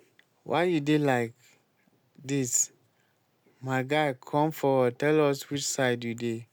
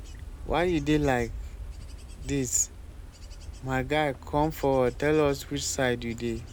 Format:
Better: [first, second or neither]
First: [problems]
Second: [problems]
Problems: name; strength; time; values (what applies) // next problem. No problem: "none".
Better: first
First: none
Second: background sound (Wind / Bird / Insect); 11 dB below the speech